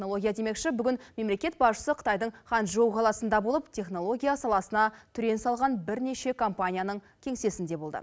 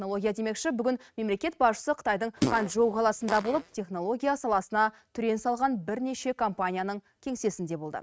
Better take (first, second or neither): first